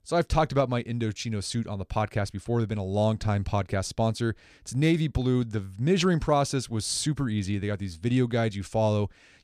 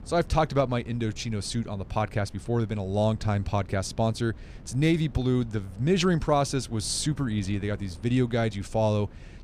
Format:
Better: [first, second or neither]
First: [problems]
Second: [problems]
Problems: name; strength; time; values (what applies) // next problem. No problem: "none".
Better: first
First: none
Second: wind noise on the microphone; occasional gusts; 25 dB below the speech